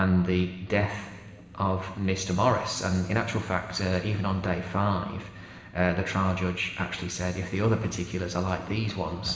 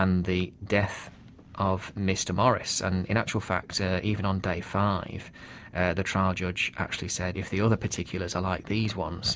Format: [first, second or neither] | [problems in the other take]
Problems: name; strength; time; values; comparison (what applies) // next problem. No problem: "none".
second | room echo; dies away in 2 s